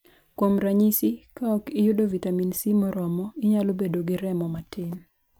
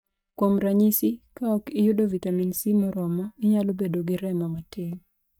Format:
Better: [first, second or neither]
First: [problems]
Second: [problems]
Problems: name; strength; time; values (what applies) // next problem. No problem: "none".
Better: first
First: none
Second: noise reduction (neural mask model DeepFilterNet 3)